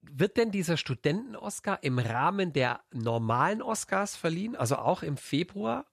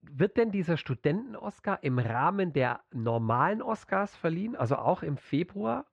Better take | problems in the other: first | muffled; very; fading above 2 kHz

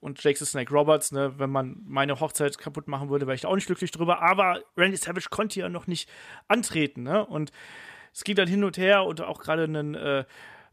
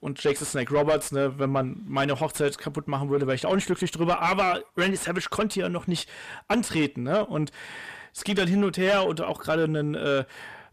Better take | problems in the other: first | distortion; heavy; 7 dB below the speech

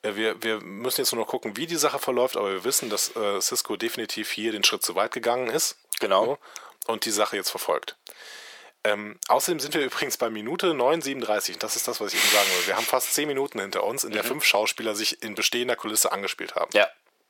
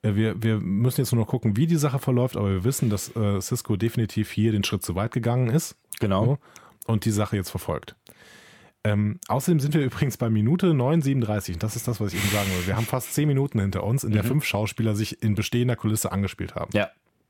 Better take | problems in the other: second | thin; very; fading below 450 Hz

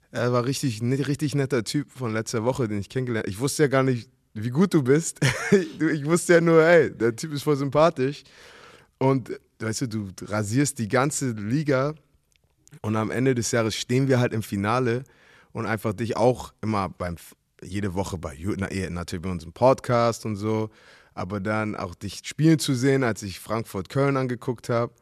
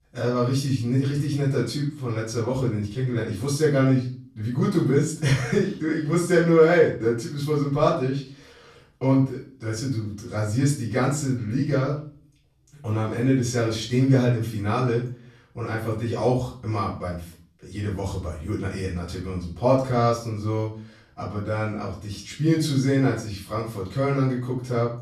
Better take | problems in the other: first | off-mic speech; far // room echo; noticeable; dies away in 0.4 s

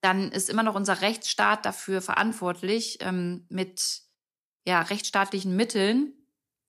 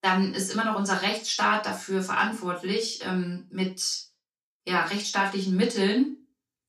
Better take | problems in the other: first | room echo; noticeable; dies away in 0.2 s // off-mic speech; far

